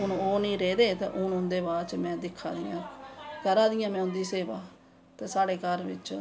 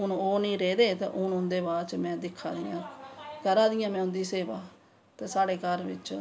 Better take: second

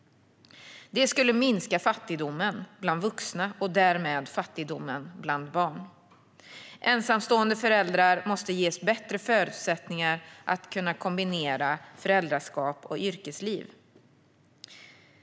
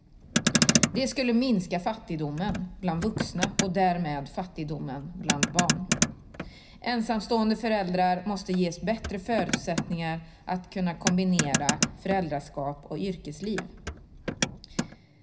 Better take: first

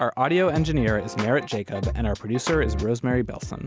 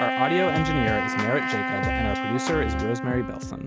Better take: first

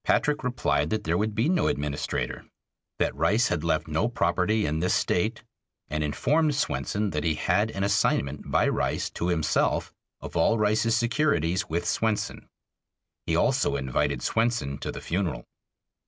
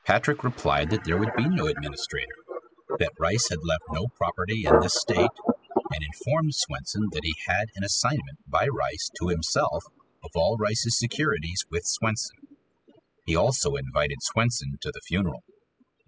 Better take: first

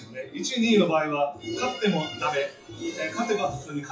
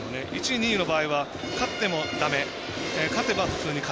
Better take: second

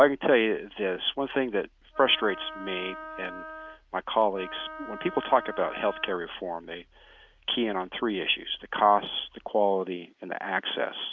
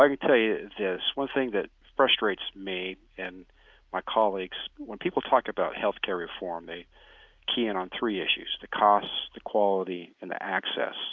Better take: second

